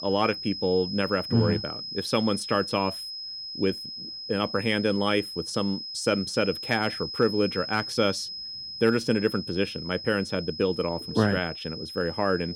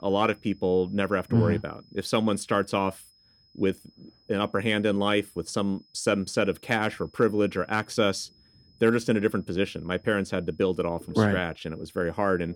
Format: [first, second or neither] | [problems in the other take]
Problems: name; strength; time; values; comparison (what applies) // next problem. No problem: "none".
second | high-pitched whine; loud; throughout; 5 kHz, 7 dB below the speech; faint in the second